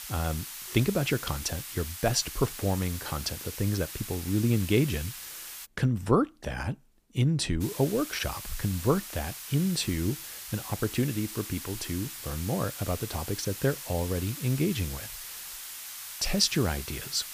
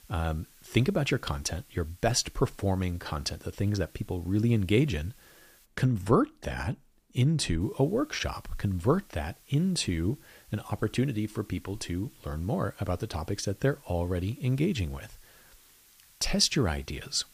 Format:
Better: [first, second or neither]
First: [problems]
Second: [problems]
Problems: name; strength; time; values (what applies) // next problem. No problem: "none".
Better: second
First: hiss; loud; until 5.5 s and from 7.5 s on; 8 dB below the speech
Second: hiss; faint; until 5.5 s and from 7.5 s on; 25 dB below the speech